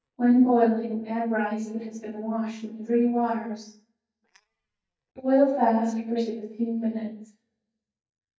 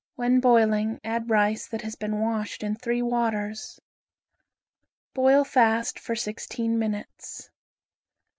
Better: second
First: noise reduction (neural mask model DeepFilterNet 3)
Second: none

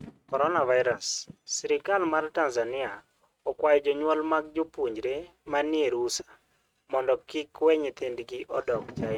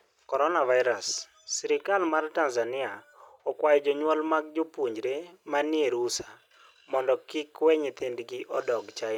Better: second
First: noise reduction (neural mask model RNNoise)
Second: none

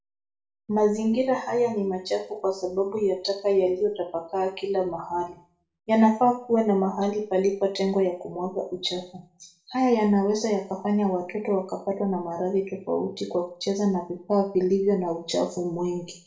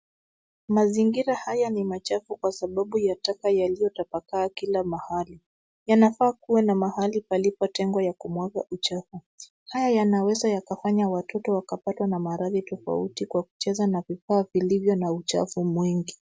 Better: second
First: room echo; dies away in 0.4 s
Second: none

